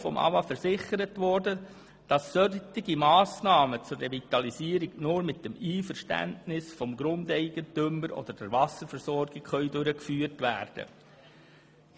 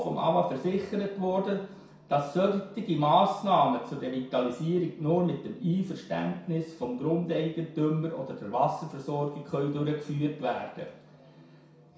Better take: first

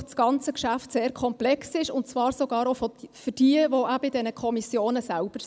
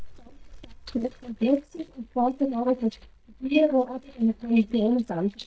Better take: first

